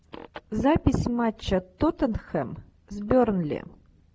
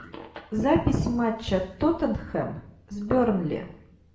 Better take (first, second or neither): first